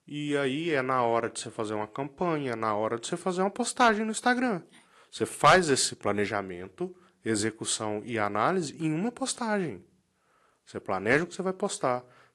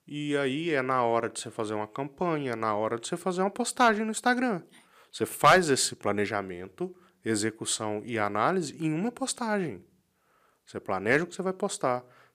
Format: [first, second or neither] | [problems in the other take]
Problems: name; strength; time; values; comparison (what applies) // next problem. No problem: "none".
second | garbled, watery; slightly